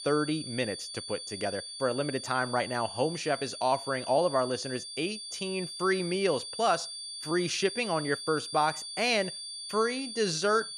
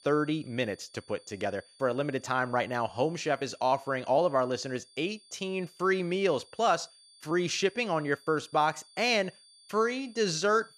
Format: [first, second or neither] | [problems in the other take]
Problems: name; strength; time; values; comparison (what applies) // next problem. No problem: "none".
second | high-pitched whine; loud; throughout; 4.5 kHz, 8 dB below the speech; faint in the second